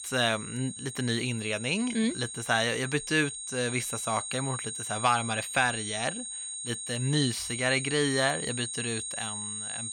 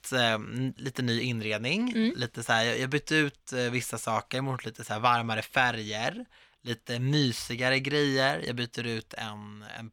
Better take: second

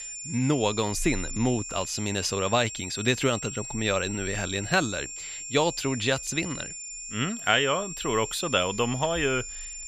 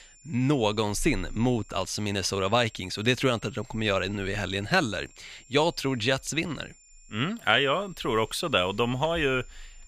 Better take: second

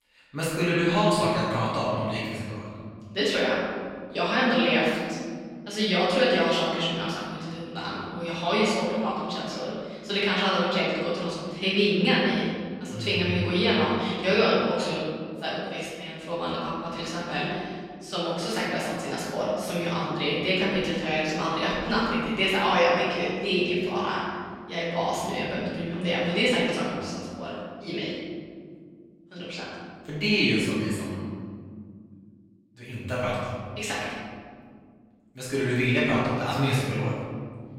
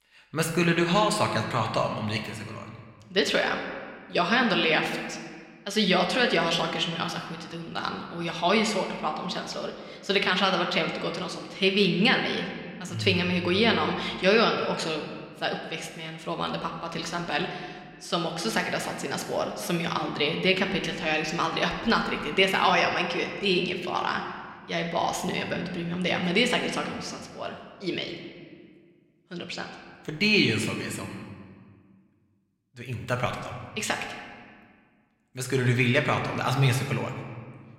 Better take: second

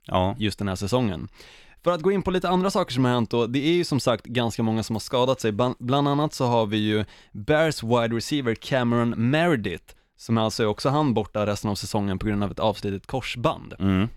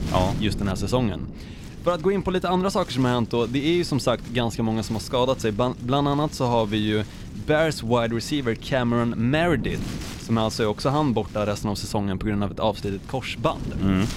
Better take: first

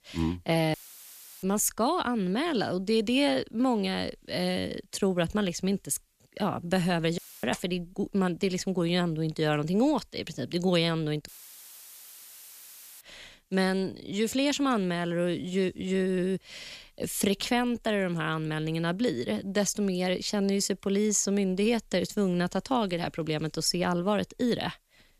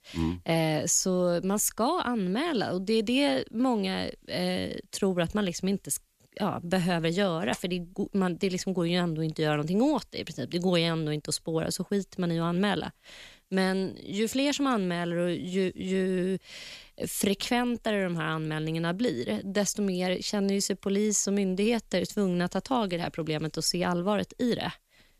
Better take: second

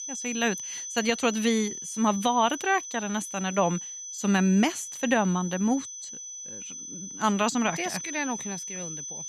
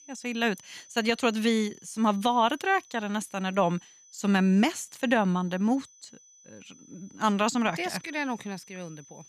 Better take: second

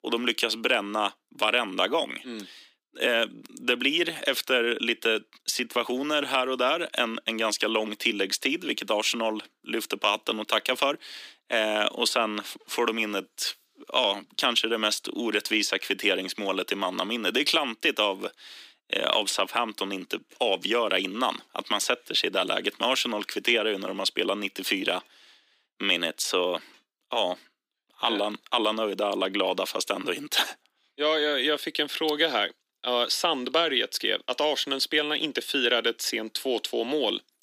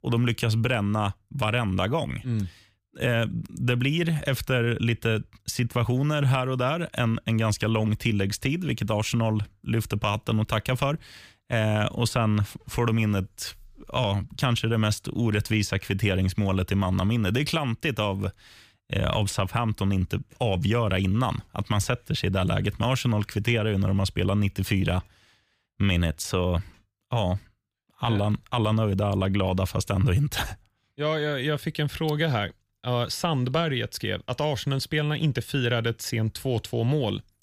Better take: second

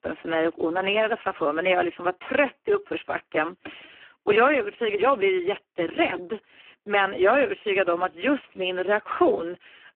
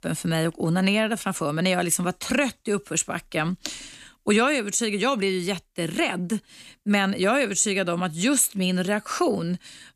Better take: second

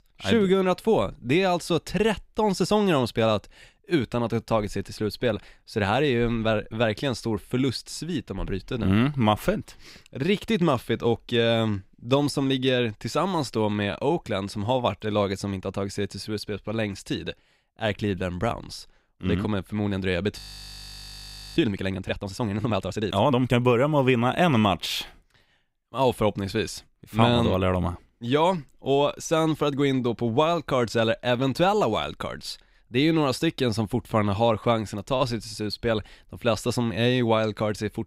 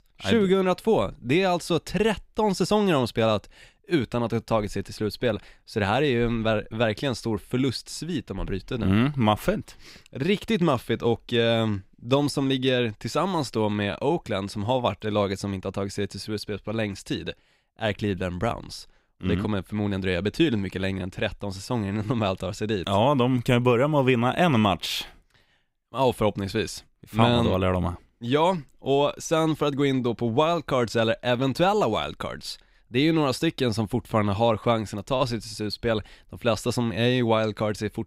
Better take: second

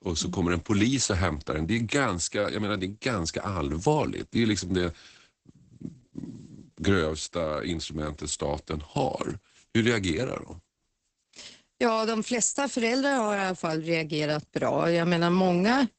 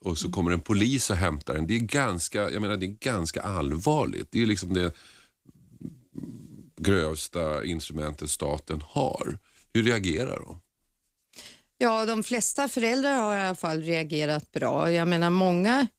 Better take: second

